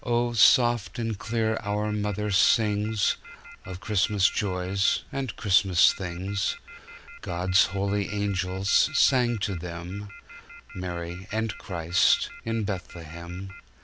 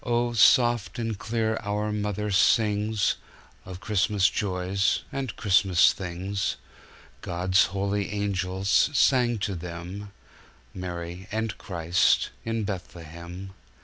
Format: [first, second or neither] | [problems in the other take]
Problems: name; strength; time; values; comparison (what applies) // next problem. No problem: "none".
second | background sound (Telephone); 18 dB below the speech